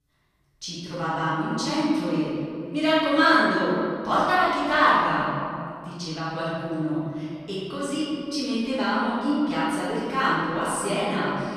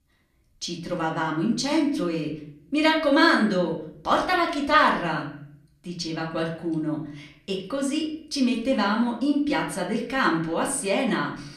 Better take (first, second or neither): second